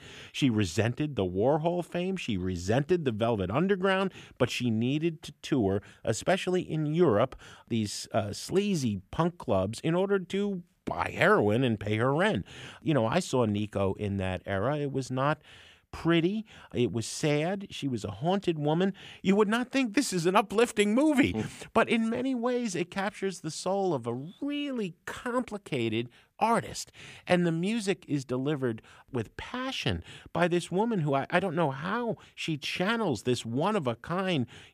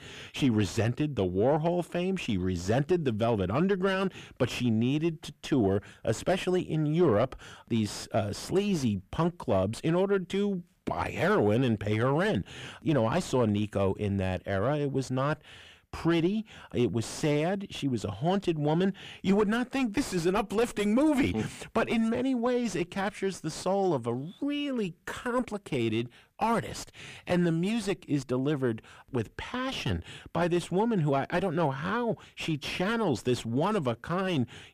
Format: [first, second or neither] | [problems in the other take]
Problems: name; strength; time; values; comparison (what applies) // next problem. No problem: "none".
first | distortion; slight; 10 dB below the speech